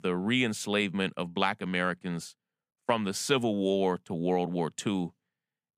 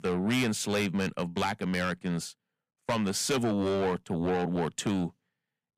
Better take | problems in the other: first | distortion; heavy; 7 dB below the speech

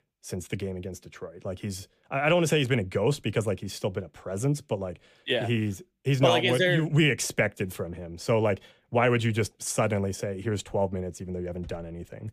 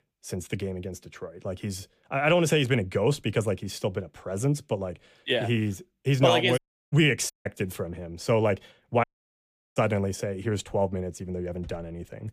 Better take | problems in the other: first | audio cutting out; at 6.5 s, at 7.5 s and at 9 s for 0.5 s

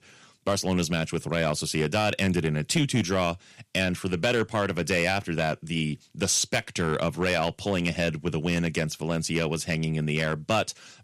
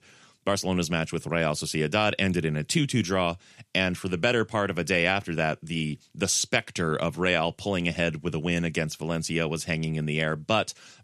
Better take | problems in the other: second | distortion; slight; 3% of the sound clipped

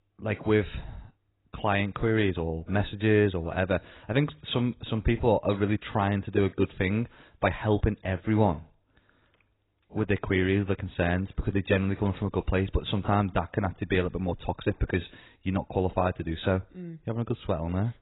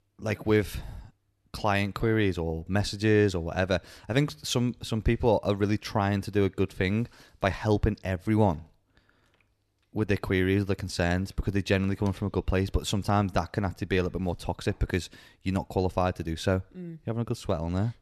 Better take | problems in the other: second | garbled, watery; badly; nothing above 4 kHz

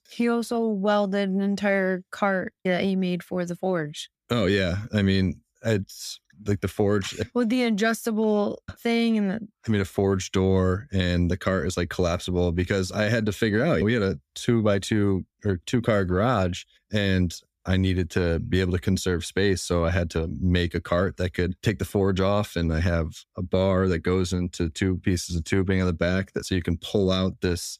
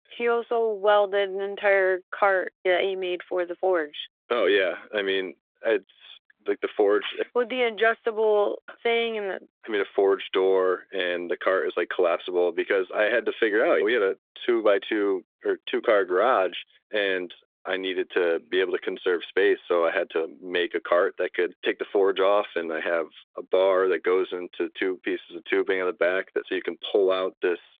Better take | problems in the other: first | phone-call audio; nothing above 3.5 kHz

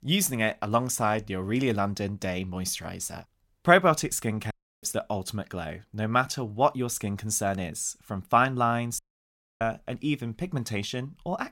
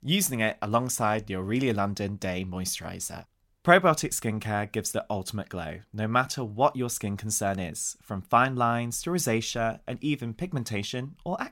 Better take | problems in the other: second | audio cutting out; at 4.5 s and at 9 s for 0.5 s

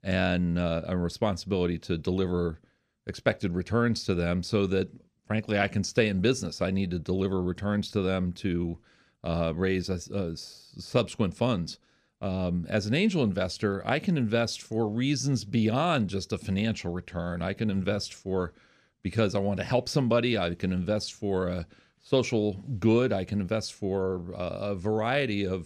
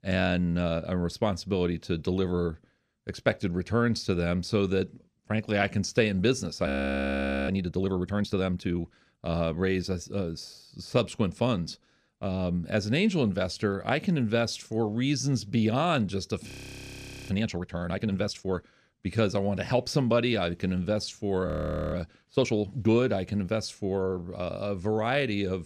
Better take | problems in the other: first | audio freezing; at 6.5 s for 1 s, at 16 s for 1 s and at 21 s

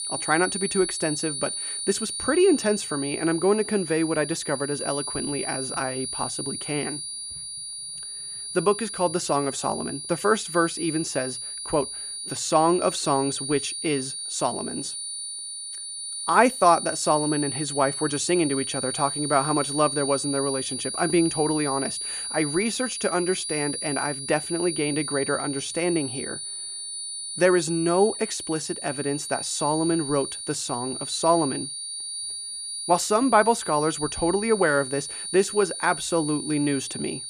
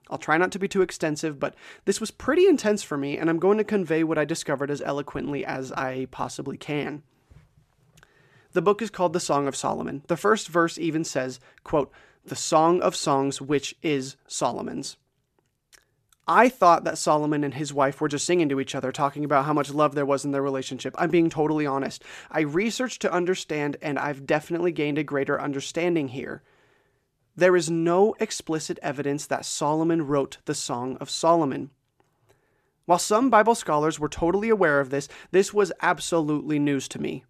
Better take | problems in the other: second | high-pitched whine; loud; throughout; 9.5 kHz, 5 dB below the speech

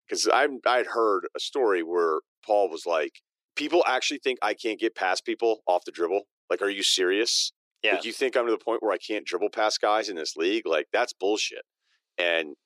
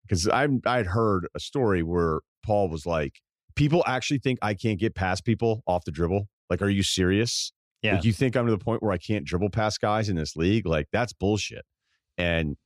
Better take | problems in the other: second | thin; very; fading below 350 Hz

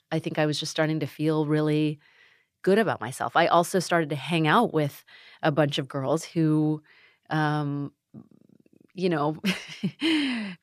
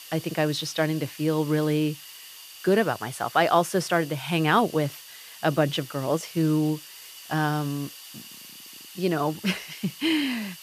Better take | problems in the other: first | hiss; noticeable; throughout; 15 dB below the speech

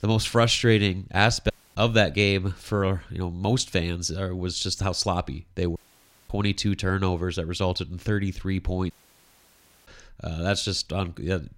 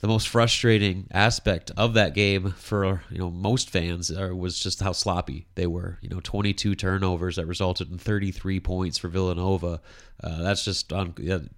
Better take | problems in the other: second | audio cutting out; at 1.5 s, at 6 s for 0.5 s and at 9 s for 1 s

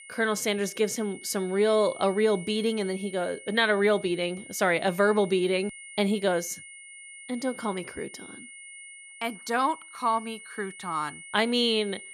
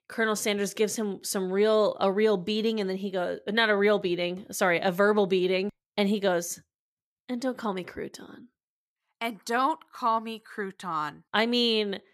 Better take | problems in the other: second | high-pitched whine; noticeable; throughout; 2 kHz, 15 dB below the speech

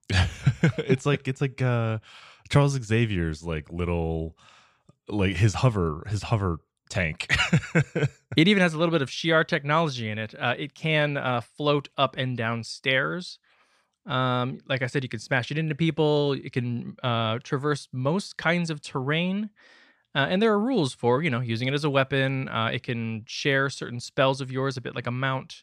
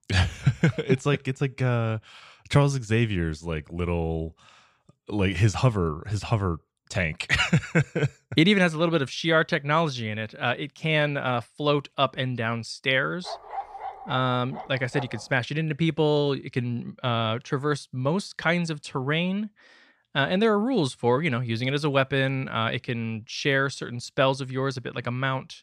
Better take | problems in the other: first | dog barking; faint; from 13 to 15 s; peak 10 dB below the speech

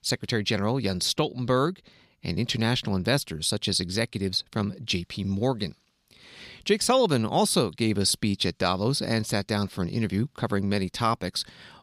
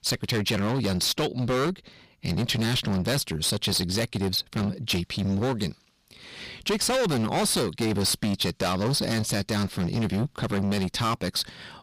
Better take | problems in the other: first | distortion; heavy; 20% of the sound clipped

